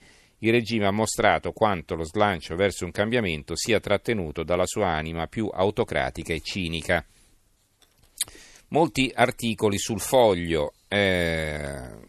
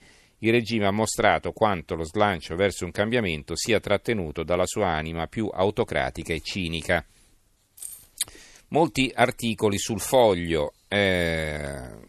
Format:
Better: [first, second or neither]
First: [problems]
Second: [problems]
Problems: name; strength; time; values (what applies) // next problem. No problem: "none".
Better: first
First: none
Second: jangling keys; faint; at 8 s; peak 15 dB below the speech